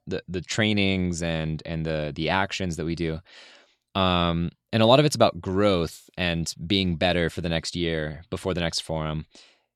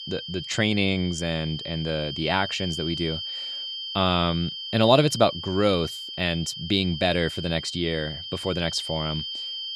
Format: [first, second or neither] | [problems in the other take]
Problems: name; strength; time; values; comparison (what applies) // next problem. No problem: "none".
first | high-pitched whine; loud; throughout; 3 kHz, 7 dB below the speech